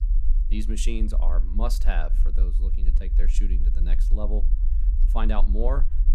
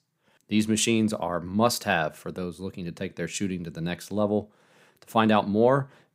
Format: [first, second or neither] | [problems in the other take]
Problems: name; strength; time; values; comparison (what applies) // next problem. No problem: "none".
second | low rumble; noticeable; throughout; 15 dB below the speech